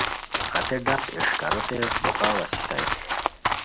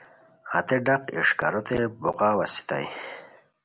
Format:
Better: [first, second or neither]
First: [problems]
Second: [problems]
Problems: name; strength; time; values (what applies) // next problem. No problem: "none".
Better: second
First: background sound (Run); 3 dB above the speech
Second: none